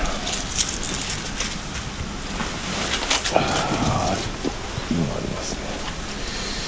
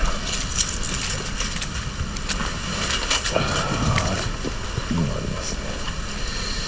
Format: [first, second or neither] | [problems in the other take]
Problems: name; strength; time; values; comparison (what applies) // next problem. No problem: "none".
first | background sound (Water / Splash, splatter); 13 dB below the speech // room echo; dies away in 0.7 s